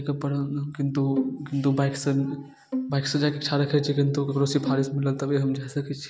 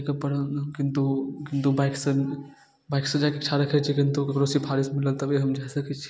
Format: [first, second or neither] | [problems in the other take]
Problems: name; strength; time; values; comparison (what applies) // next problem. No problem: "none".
second | background sound (Bowed string instrument); 11 dB below the speech